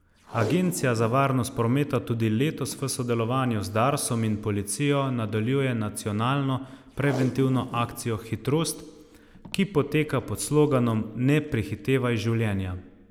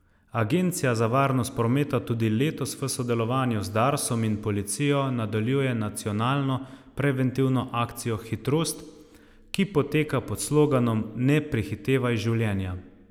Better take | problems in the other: second | background sound (Packing tape, duct tape); 18 dB below the speech

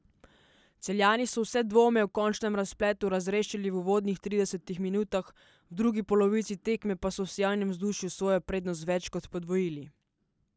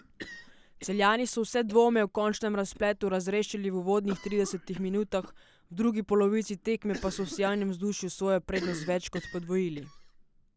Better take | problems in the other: first | background sound (Cough); 17 dB below the speech

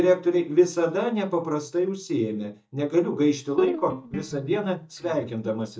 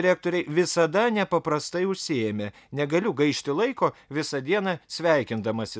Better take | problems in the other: second | noise reduction (neural mask model DeepFilterNet 3)

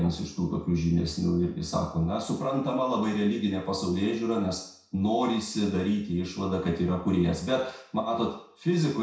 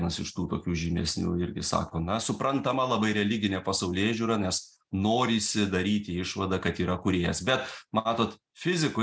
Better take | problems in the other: second | room echo; dies away in 0.6 s

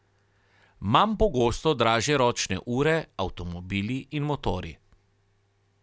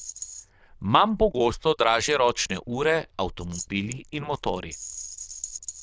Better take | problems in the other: first | noise reduction (neural diffusion model UNIVERSE++)

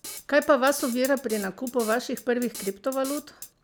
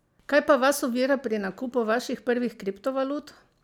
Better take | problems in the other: second | background sound (Drum kit); 15 dB below the speech

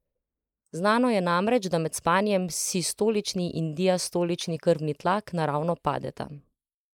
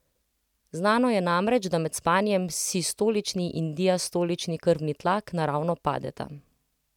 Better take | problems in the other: second | noise reduction (neural mask model Resemble Enhance denoiser)

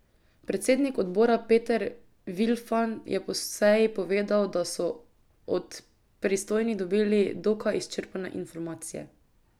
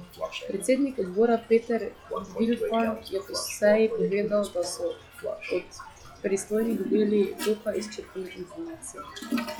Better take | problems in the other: first | noise reduction (classical method log-MMSE)

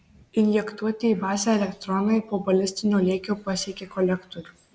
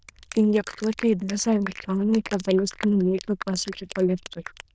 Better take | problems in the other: first | noise reduction (neural diffusion model UNIVERSE++)

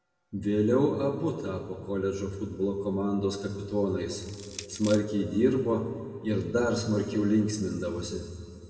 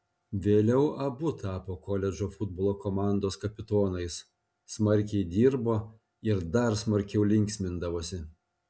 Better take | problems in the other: second | background sound (Crushing); 16 dB below the speech // room echo; dies away in 2.1 s

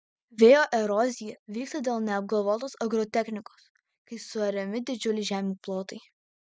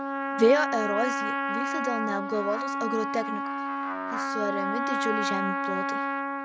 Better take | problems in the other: first | background sound (Trumpet); as loud as the speech

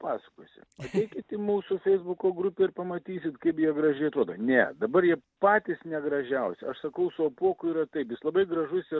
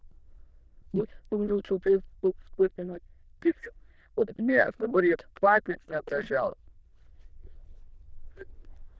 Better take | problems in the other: first | noise reduction (neural diffusion model UNIVERSE++)

